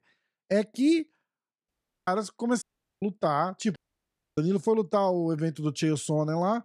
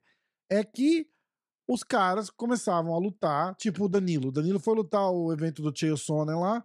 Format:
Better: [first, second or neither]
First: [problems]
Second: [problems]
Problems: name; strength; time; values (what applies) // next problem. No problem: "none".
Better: second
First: audio cutting out; at 1.5 s, at 2.5 s and at 4 s for 0.5 s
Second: none